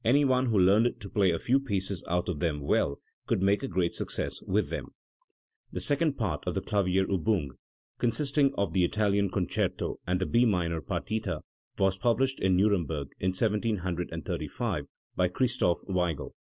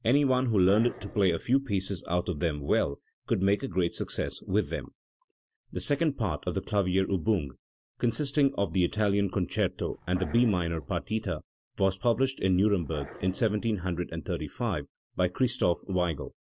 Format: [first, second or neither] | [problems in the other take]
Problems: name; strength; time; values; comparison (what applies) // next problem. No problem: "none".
first | background sound (Growling); 18 dB below the speech